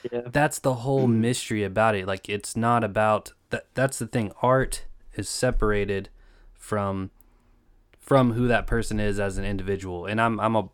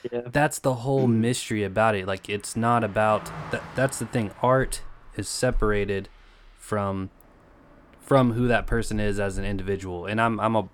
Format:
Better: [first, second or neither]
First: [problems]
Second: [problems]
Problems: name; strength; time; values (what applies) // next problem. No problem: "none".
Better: first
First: none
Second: traffic noise; faint; throughout; 20 dB below the speech